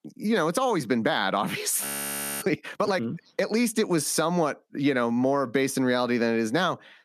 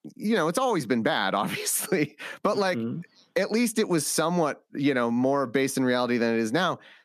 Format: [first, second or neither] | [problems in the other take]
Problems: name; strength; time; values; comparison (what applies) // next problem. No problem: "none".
second | audio freezing; at 2 s for 0.5 s